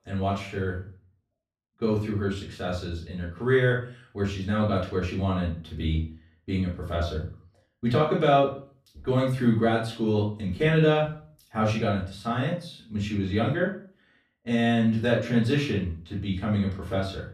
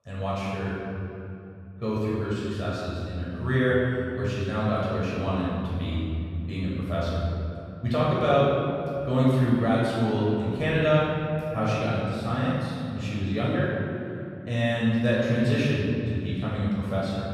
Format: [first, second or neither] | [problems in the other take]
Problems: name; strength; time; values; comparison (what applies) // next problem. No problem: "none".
first | room echo; strong; dies away in 2.5 s; slight in the first // off-mic speech; far; far in the first